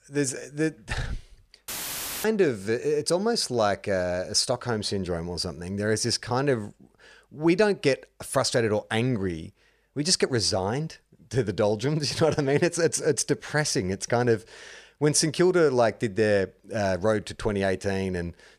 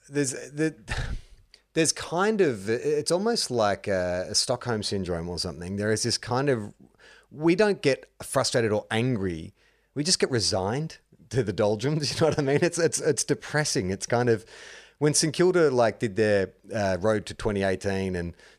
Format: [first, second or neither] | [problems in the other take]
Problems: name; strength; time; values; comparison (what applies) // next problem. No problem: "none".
second | audio cutting out; filled with static; at 1.5 s for 0.5 s